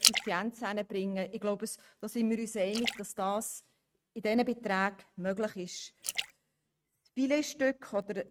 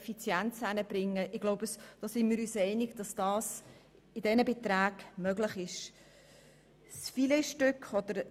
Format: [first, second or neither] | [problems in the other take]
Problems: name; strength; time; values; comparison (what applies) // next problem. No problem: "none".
second | noise reduction (neural mask model RNNoise)